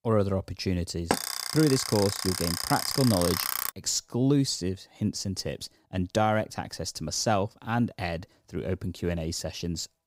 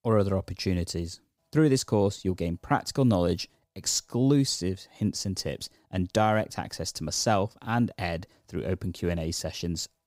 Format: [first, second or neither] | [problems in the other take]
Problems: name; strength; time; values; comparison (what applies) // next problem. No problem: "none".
second | alarm; loud; from 1 to 3.5 s; peak 1 dB above the speech